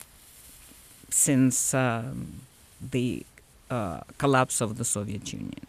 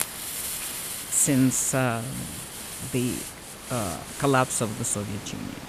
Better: first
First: hiss; faint; throughout; 25 dB below the speech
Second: hiss; loud; throughout; 8 dB below the speech

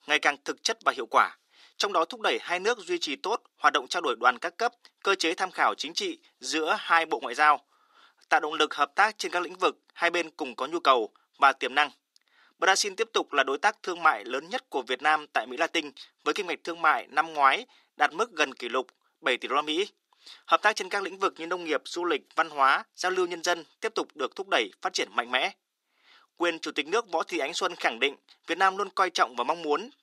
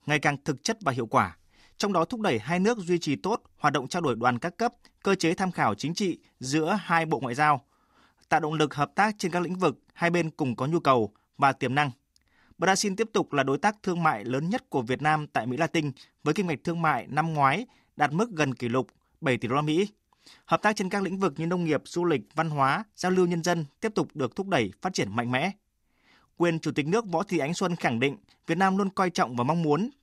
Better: second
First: thin; very; fading below 350 Hz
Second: none

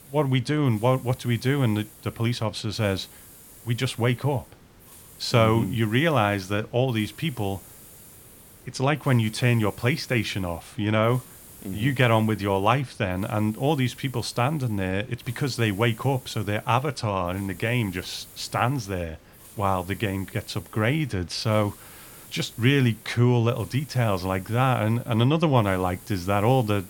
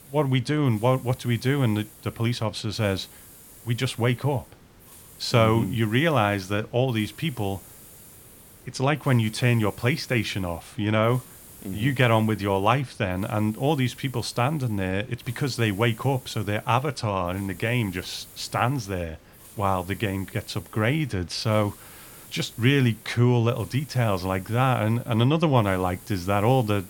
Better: neither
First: hiss; faint; throughout; 20 dB below the speech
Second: hiss; faint; throughout; 20 dB below the speech

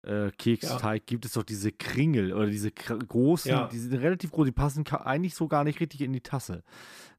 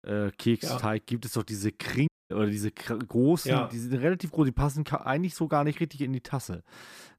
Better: first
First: none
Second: audio cutting out; at 2 s

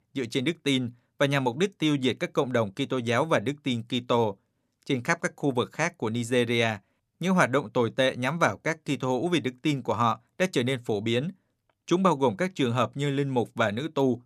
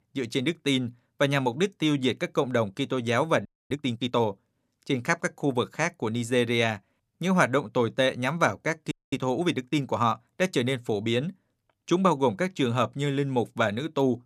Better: first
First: none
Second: audio freezing; at 3.5 s and at 9 s

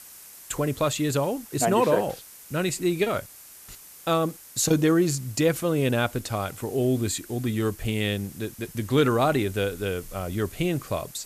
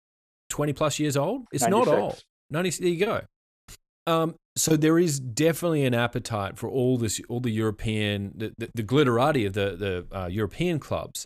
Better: second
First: hiss; noticeable; throughout; 20 dB below the speech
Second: none

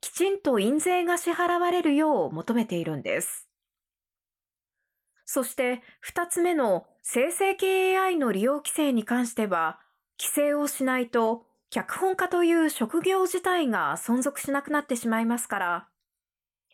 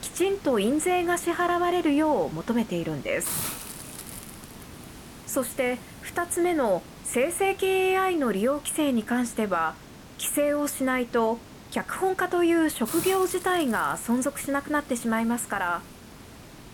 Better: first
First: none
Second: hiss; noticeable; throughout; 15 dB below the speech

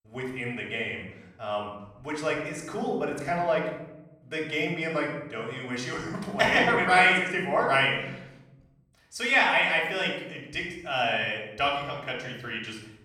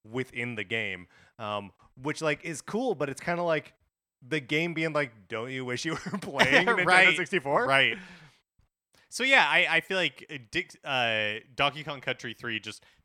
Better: second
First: off-mic speech; far // room echo; noticeable; dies away in 0.9 s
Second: none

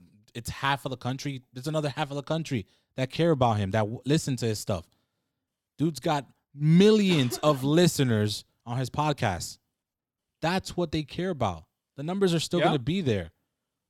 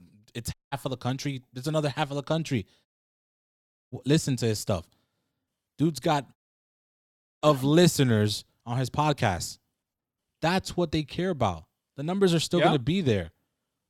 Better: first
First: none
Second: audio cutting out; at 0.5 s, at 3 s for 1 s and at 6.5 s for 1 s

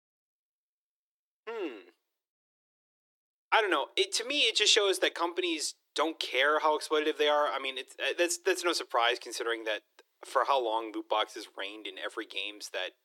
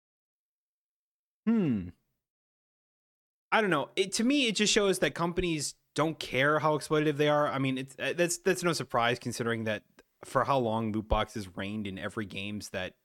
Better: second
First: thin; very; fading below 300 Hz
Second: none

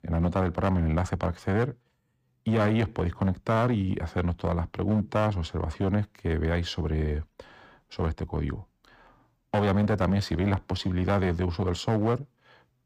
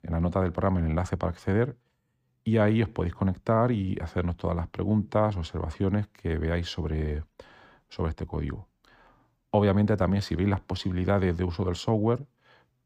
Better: second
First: distortion; slight; 6% of the sound clipped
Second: none

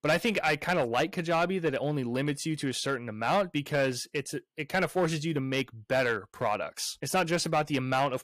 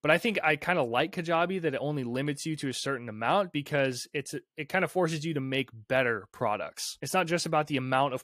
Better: second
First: distortion; slight; 4% of the sound clipped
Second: none

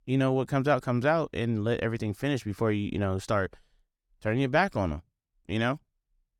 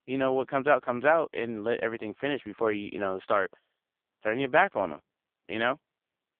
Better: first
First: none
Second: phone-call audio; poor line; nothing above 3.5 kHz

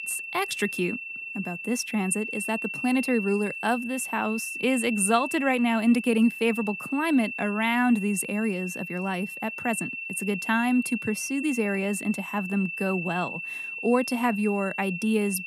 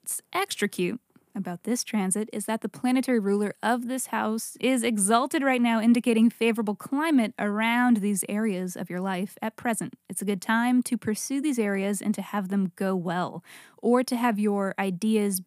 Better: second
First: high-pitched whine; loud; throughout; 2.5 kHz, 7 dB below the speech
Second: none

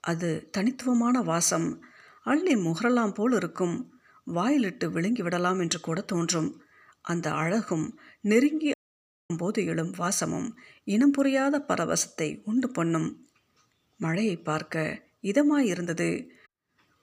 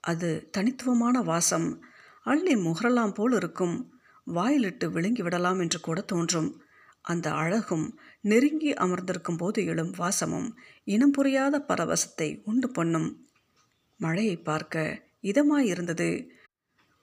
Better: second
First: audio cutting out; at 8.5 s for 0.5 s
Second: none

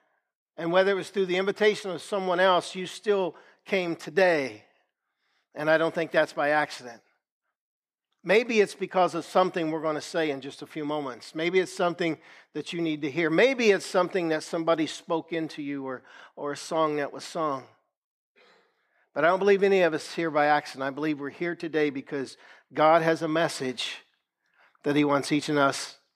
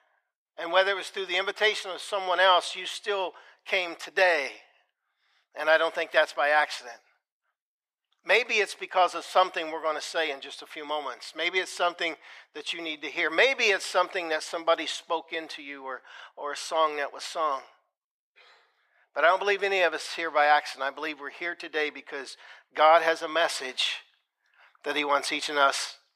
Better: first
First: none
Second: thin; very; fading below 750 Hz

